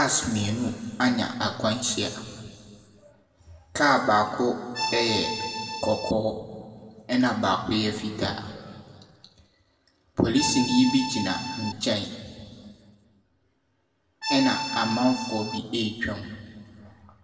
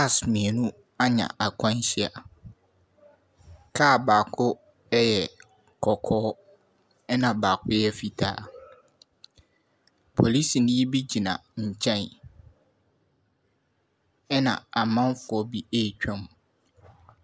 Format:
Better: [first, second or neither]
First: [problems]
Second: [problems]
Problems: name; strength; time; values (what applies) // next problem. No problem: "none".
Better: second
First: background sound (Accordion); 4 dB below the speech // room echo; dies away in 1.8 s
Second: none